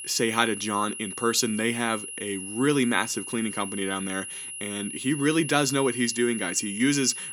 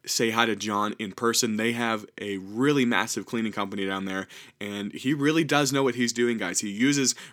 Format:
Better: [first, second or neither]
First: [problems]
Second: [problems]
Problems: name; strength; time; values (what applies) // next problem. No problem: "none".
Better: second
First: high-pitched whine; loud; throughout; 10.5 kHz, 8 dB below the speech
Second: none